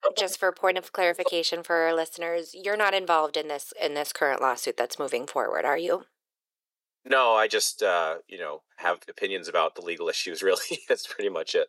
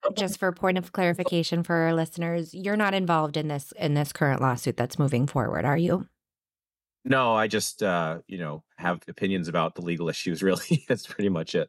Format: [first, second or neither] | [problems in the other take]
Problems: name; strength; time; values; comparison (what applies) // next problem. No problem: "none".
second | thin; very; fading below 450 Hz